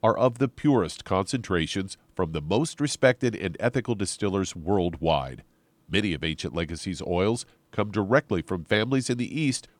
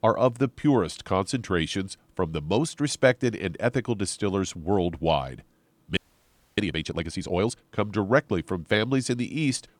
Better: first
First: none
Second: audio freezing; at 6 s for 0.5 s

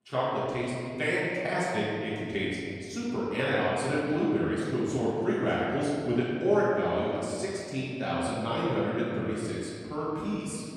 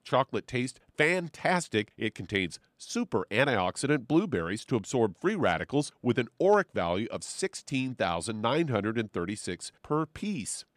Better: second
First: off-mic speech; far // room echo; strong; dies away in 2.3 s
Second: none

